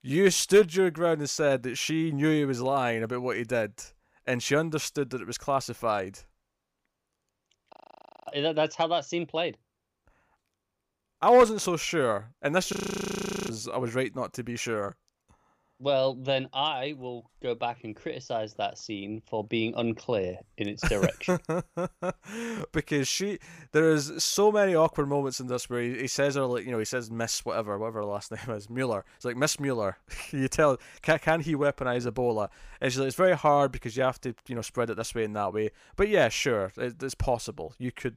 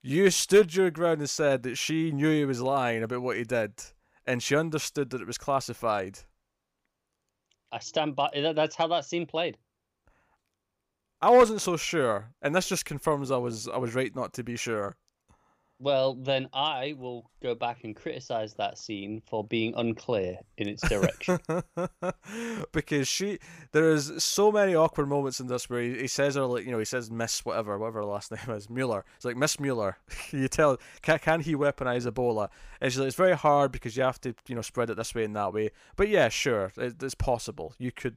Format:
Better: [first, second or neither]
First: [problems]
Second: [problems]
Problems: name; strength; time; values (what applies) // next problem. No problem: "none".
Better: second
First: audio freezing; at 7.5 s for 0.5 s and at 13 s for 1 s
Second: none